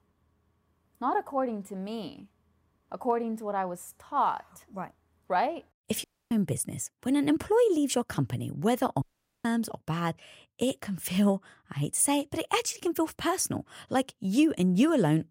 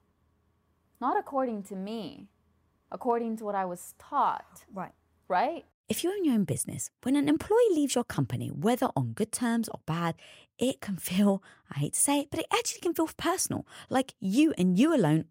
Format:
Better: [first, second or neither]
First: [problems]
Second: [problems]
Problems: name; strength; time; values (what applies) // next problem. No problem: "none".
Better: second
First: audio cutting out; at 6 s and at 9 s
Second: none